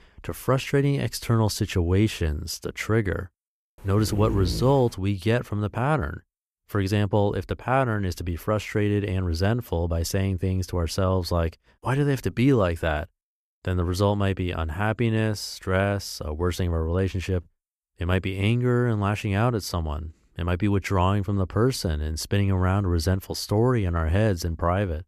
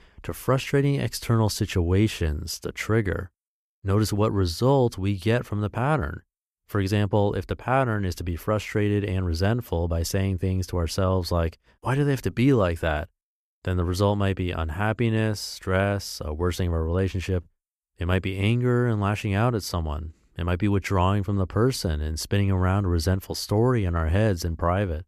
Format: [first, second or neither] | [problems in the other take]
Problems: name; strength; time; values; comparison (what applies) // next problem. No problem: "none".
second | dog barking; noticeable; at 4 s; peak 5 dB below the speech